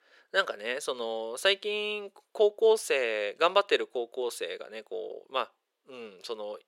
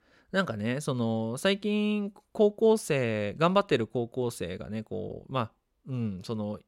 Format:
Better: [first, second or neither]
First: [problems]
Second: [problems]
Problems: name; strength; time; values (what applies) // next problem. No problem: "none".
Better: second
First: thin; very; fading below 400 Hz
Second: none